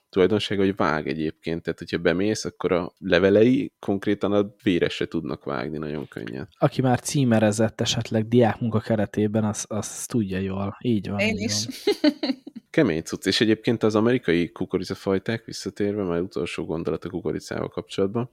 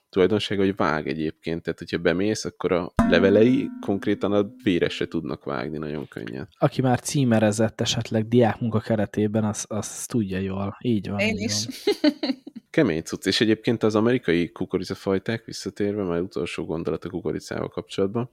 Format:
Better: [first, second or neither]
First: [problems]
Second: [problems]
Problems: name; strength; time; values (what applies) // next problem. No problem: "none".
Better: first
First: none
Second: clattering dishes; loud; at 3 s; peak 1 dB above the speech